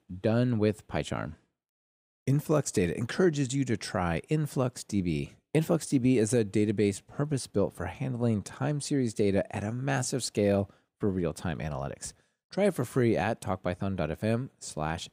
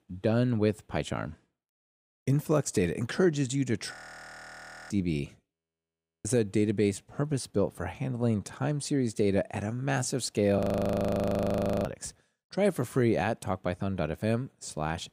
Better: first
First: none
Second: audio freezing; at 4 s for 1 s, at 5.5 s for 0.5 s and at 11 s for 1.5 s

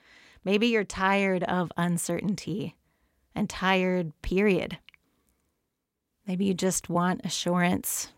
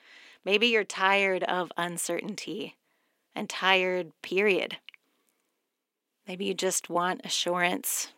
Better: first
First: none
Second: thin; somewhat; fading below 300 Hz

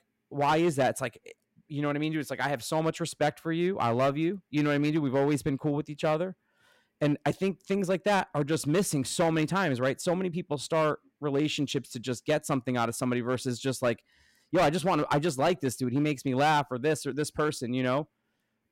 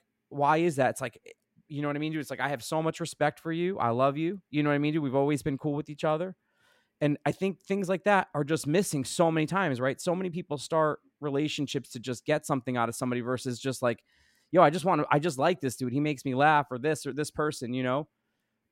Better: second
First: distortion; slight; 5% of the sound clipped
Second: none

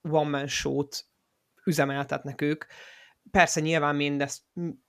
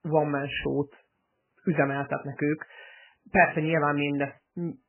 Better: first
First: none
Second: garbled, watery; badly; nothing above 3 kHz

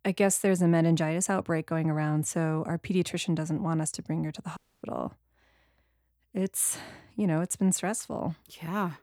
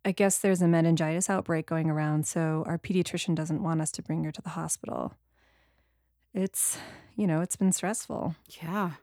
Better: second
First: audio cutting out; at 4.5 s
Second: none

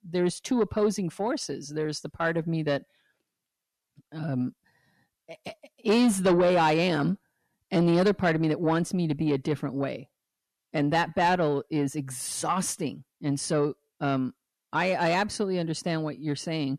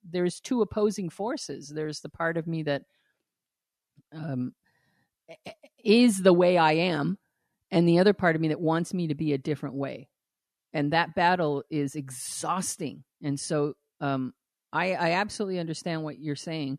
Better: second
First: distortion; slight; 10 dB below the speech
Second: none

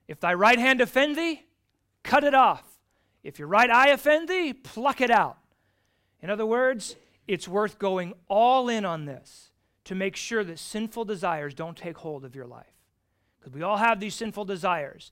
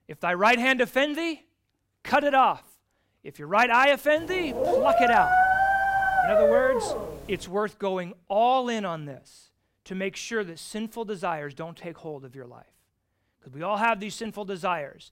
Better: first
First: none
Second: dog barking; loud; from 4.5 to 7 s; peak 5 dB above the speech

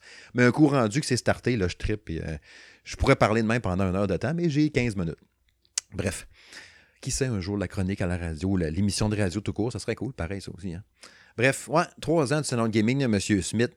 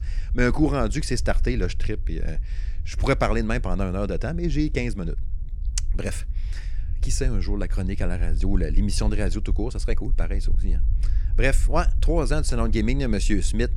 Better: first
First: none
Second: low rumble; faint; throughout; 20 dB below the speech

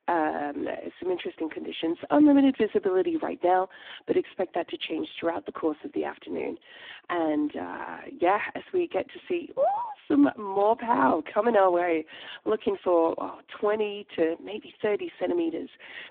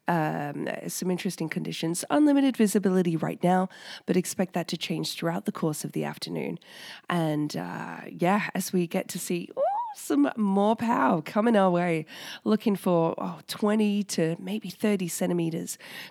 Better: second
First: phone-call audio; poor line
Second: none

